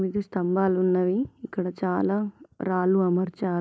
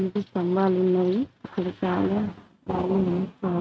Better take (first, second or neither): first